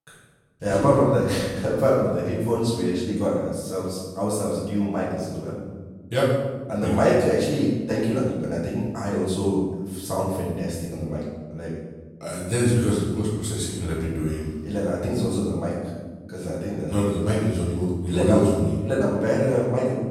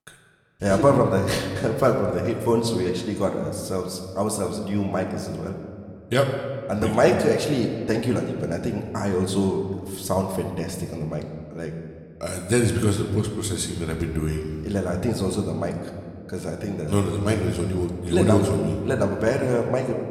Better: second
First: room echo; strong; dies away in 1.2 s // off-mic speech; far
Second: room echo; slight; dies away in 1.6 s

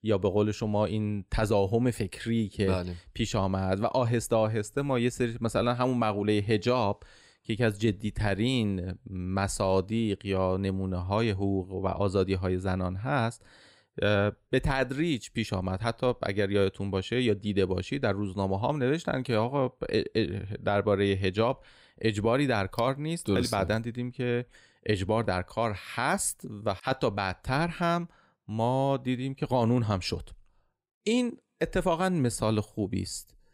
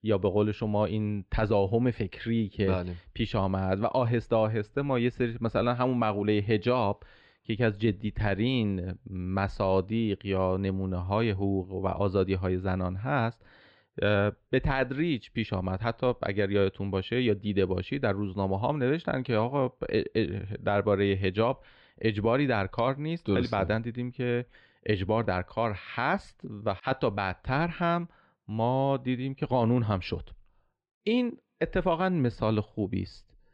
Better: first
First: none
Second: muffled; slightly; fading above 3.5 kHz

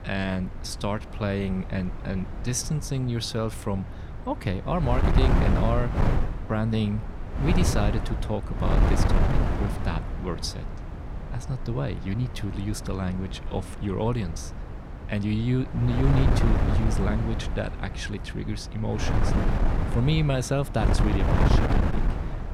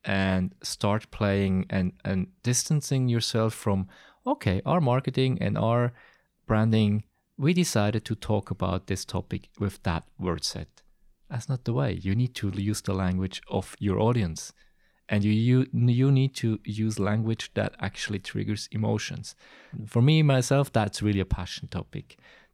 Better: second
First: wind noise on the microphone; heavy; 2 dB below the speech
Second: none

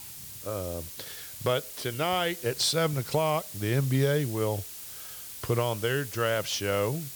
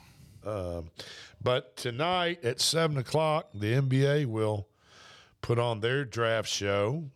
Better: second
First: hiss; noticeable; throughout; 10 dB below the speech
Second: none

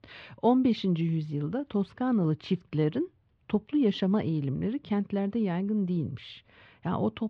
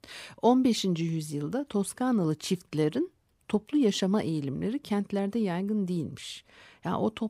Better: second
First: muffled; slightly; fading above 3.5 kHz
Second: none

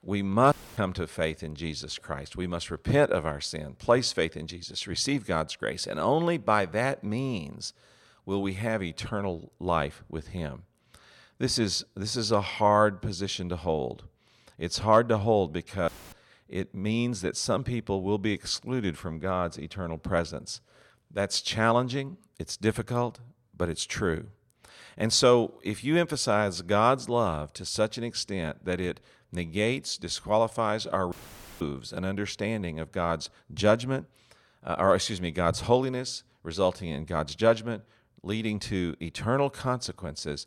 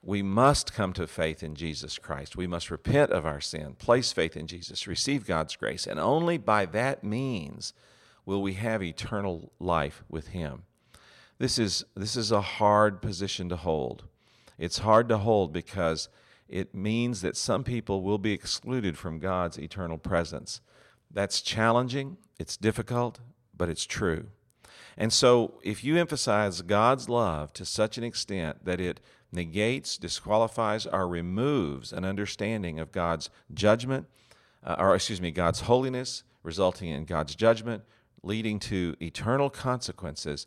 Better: second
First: audio cutting out; filled with static; at 0.5 s, at 16 s and at 31 s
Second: none

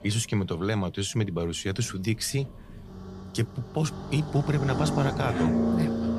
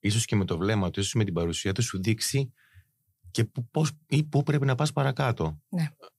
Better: second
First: traffic noise; loud; throughout; 1 dB below the speech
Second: none

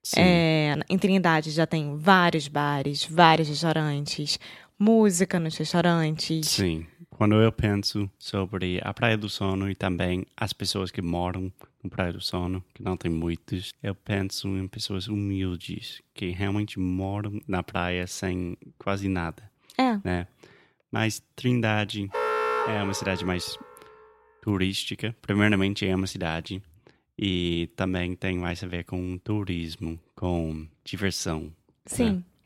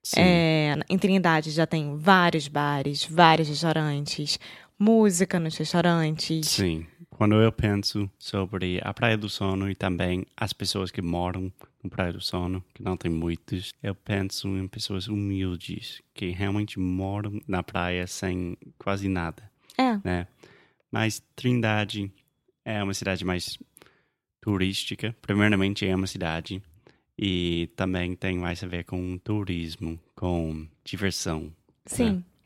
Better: second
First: alarm; loud; from 22 to 24 s; peak 1 dB above the speech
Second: none

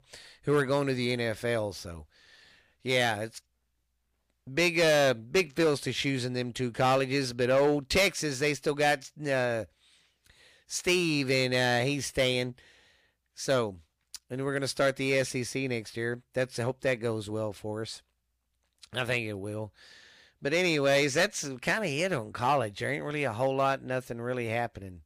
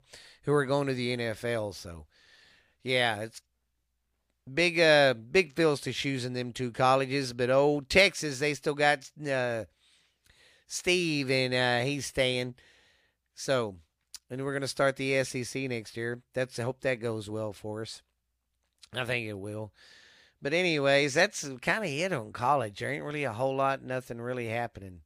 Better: second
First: distortion; slight; 3% of the sound clipped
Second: none

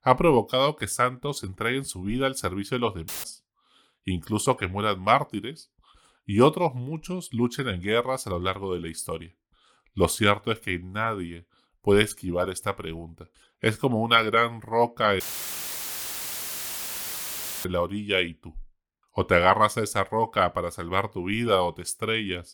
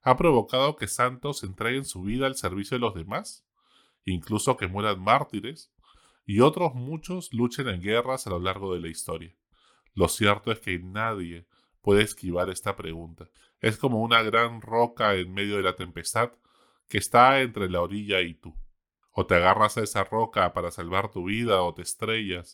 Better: second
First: audio cutting out; filled with static; at 3 s and at 15 s for 2.5 s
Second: none

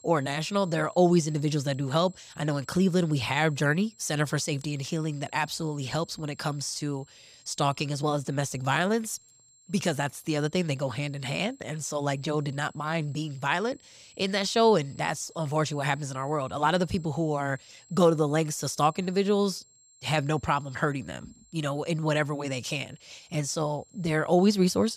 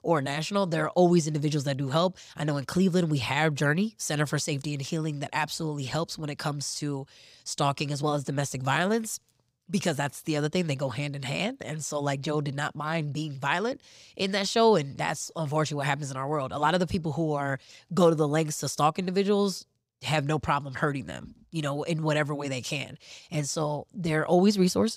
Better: second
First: high-pitched whine; faint; throughout; 7.5 kHz, 25 dB below the speech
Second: none

